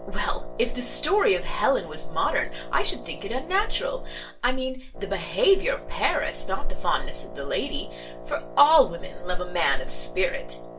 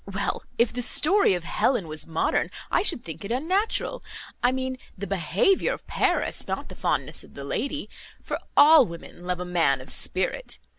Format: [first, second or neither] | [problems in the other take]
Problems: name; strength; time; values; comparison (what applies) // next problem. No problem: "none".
second | background sound (Wind instrument, woodwind instrument); 17 dB below the speech // room echo; dies away in 0.2 s